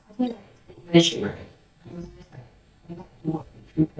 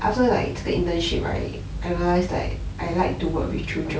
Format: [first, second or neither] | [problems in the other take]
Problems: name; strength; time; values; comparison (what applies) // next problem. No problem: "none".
second | noise reduction (neural mask model DeepFilterNet 3)